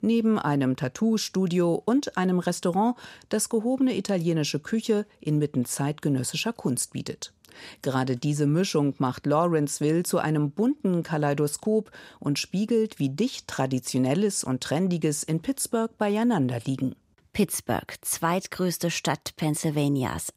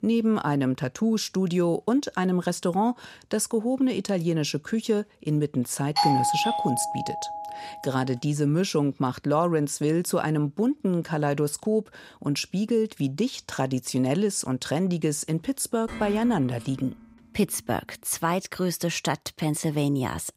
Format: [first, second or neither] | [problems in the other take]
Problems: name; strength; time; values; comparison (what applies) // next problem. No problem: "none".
first | doorbell; loud; from 6 to 7.5 s; peak 4 dB above the speech // clattering dishes; noticeable; from 16 to 18 s; peak 9 dB below the speech